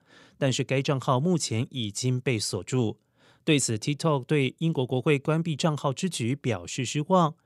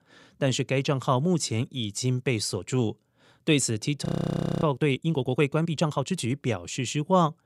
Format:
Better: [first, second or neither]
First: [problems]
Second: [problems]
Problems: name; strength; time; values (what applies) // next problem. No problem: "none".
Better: first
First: none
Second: audio freezing; at 4 s for 0.5 s